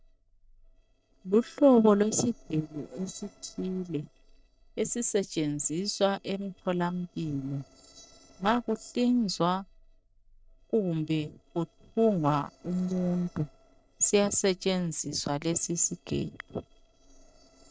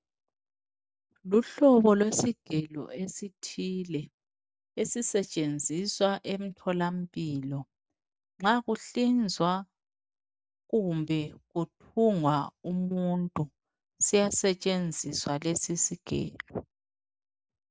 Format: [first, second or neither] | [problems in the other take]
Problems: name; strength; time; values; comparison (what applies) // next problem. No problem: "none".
second | noise reduction (neural separator model SepFormer DNS4)